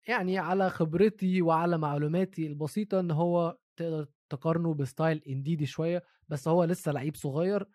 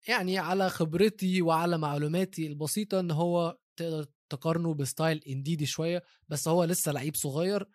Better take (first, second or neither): second